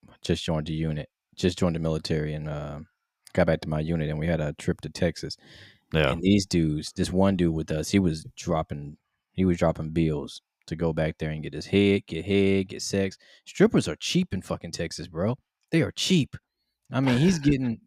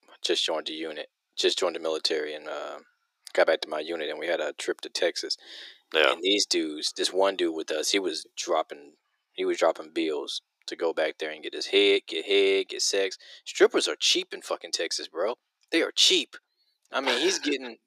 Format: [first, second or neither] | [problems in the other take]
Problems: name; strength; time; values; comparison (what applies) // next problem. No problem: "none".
first | thin; very; fading below 350 Hz